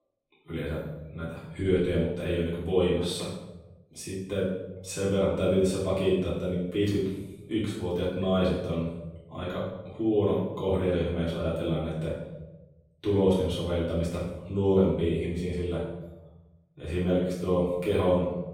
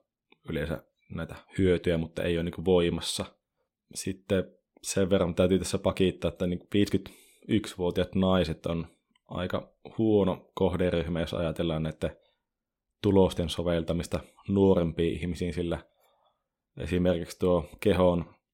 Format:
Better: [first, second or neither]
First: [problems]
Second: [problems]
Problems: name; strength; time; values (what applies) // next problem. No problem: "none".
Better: second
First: off-mic speech; far // room echo; noticeable; dies away in 0.9 s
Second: none